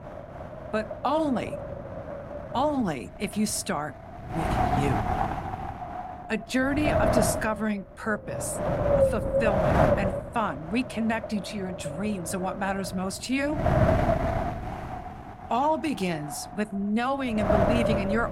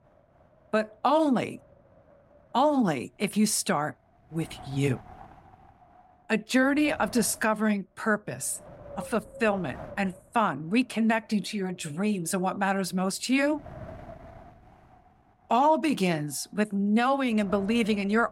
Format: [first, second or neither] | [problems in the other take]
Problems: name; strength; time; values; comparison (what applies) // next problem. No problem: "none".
second | wind noise on the microphone; heavy; 1 dB above the speech; occasional gusts in the second